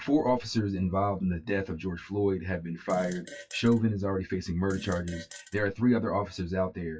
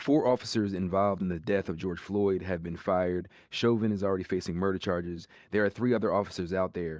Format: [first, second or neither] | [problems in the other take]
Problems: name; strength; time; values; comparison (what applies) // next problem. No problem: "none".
second | noise reduction (classical method WPE with log-MMSE)